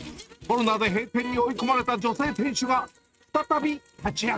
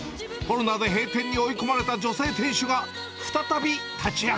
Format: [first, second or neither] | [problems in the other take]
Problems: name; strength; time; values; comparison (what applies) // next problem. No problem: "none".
second | noise reduction (neural mask model RNNoise)